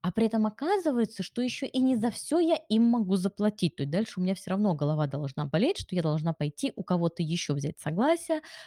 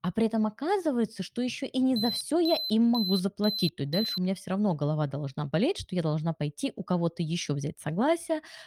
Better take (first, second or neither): first